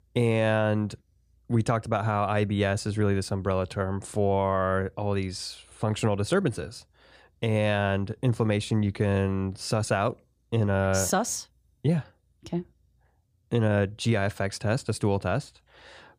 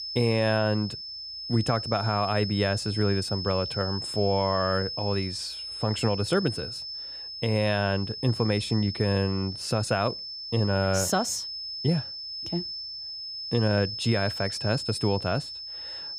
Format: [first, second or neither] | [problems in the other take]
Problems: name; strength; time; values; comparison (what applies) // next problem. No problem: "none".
first | high-pitched whine; loud; throughout; 5 kHz, 6 dB below the speech